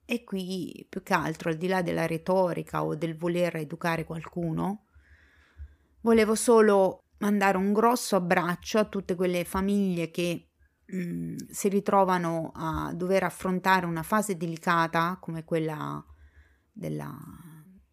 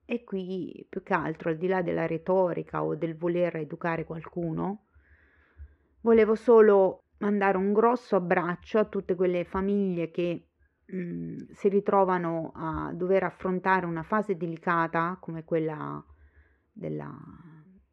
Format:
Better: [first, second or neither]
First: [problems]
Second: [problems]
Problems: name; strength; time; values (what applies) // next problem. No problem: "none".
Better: first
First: none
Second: muffled; very; fading above 2 kHz